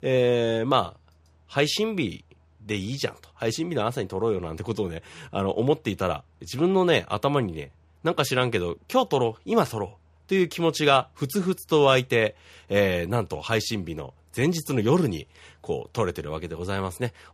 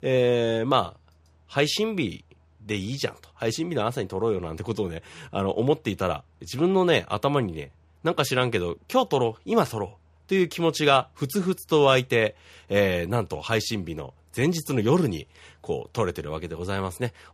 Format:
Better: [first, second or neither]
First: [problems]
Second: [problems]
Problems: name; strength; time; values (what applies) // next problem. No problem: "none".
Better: neither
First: none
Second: none